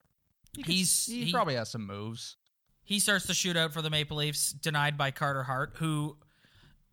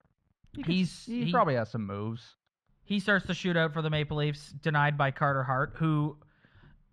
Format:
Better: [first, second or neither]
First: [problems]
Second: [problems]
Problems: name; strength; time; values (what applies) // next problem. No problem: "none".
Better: first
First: none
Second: muffled; very; fading above 2 kHz